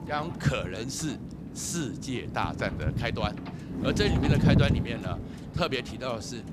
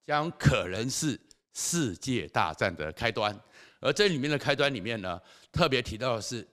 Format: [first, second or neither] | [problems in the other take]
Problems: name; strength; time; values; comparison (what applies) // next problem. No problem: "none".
second | wind noise on the microphone; heavy; 6 dB below the speech